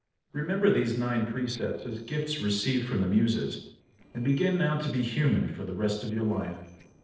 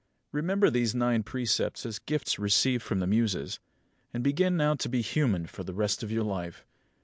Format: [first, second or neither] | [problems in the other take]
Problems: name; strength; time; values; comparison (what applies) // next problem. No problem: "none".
second | noise reduction (neural separator model SepFormer DNS4)